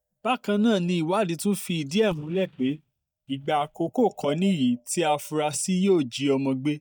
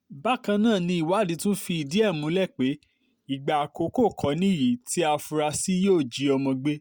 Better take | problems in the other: second | noise reduction (neural mask model DeepFilterNet 3)

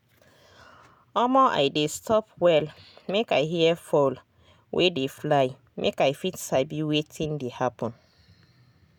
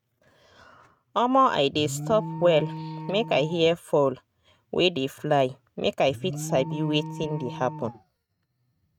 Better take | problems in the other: first | noise reduction (neural mask model RNNoise)

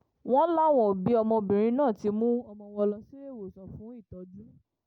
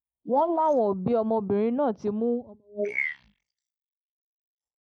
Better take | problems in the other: first | noise reduction (neural mask model Resemble Enhance denoiser)

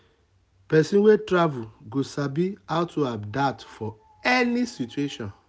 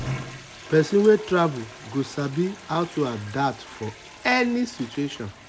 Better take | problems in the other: first | background sound (Toilet flush); 15 dB below the speech

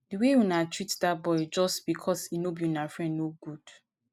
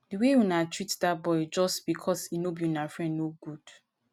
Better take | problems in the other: second | noise reduction (neural mask model Resemble Enhance denoiser)

